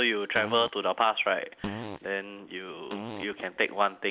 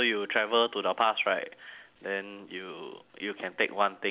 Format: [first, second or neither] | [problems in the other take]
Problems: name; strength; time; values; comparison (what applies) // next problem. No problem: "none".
second | noise reduction (neural mask model Resemble Enhance denoiser)